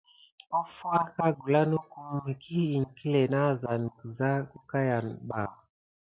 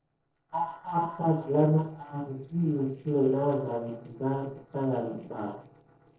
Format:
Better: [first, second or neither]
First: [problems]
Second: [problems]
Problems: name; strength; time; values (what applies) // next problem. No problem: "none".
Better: first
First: none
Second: noise reduction (neural separator model SepFormer DNS4)